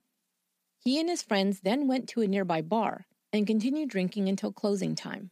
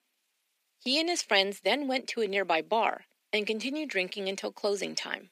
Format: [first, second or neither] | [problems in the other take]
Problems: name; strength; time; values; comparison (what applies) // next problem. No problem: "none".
first | thin; somewhat; fading below 350 Hz